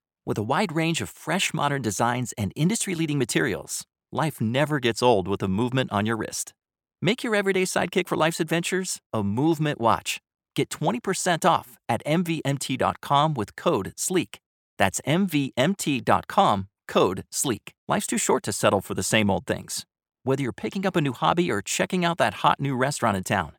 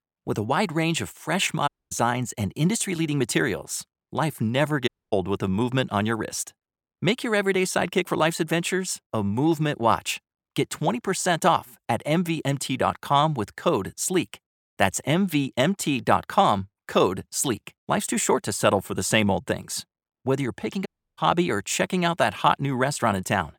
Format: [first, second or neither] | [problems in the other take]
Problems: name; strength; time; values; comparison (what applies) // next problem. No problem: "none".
first | audio cutting out; at 1.5 s, at 5 s and at 21 s